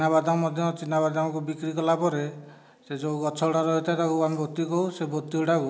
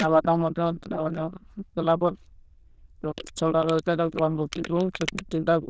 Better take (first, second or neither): first